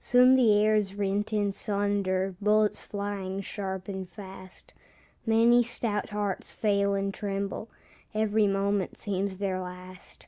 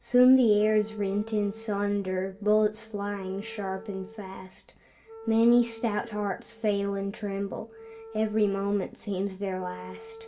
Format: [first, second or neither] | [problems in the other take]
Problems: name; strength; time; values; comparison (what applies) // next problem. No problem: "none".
first | background sound (Wind instrument, woodwind instrument); 19 dB below the speech // room echo; dies away in 0.7 s